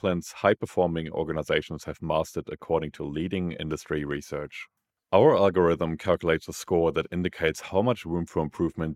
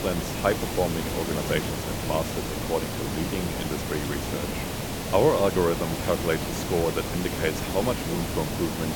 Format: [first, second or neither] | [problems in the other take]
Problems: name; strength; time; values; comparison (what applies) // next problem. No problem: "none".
first | hiss; loud; throughout; 2 dB below the speech